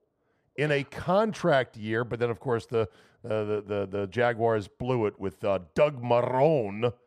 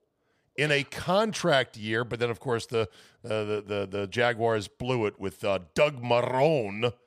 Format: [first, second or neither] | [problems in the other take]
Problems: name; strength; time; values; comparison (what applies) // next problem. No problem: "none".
second | muffled; slightly; fading above 2 kHz